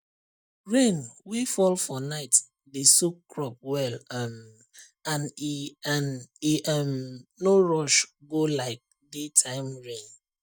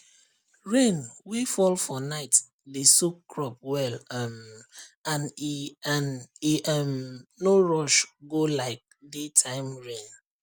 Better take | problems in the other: second | noise reduction (neural mask model DeepFilterNet 3)

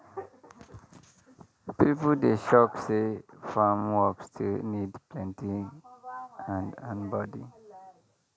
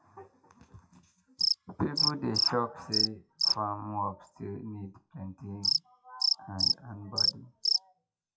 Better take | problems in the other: first | noise reduction (classical method WPE with log-MMSE)

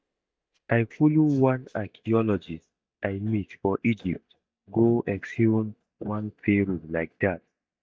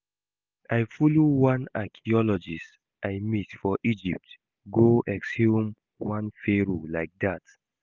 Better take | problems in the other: second | noise reduction (neural mask model DeepFilterNet 3)

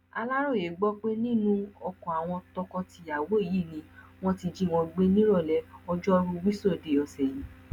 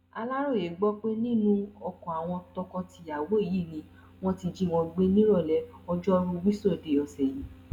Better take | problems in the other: first | room echo; dies away in 0.7 s

